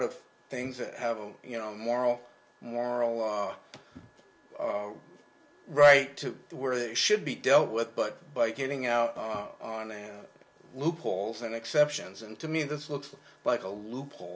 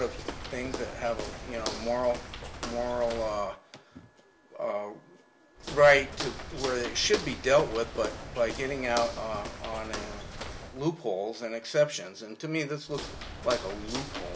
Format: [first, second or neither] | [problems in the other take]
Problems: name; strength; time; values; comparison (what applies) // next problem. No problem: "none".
first | background sound (Walk, footsteps); 9 dB below the speech